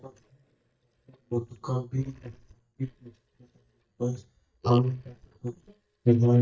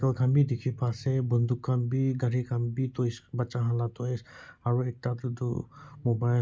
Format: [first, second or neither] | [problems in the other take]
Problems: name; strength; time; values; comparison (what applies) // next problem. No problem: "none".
second | noise reduction (neural mask model DeepFilterNet 3)